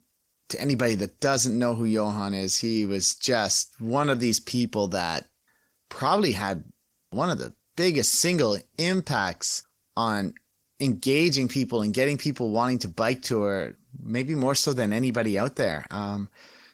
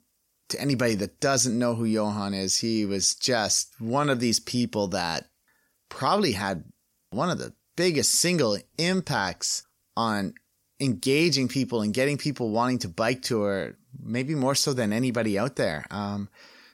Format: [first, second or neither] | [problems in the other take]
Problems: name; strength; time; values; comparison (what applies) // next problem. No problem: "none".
second | garbled, watery; slightly; nothing above 16.5 kHz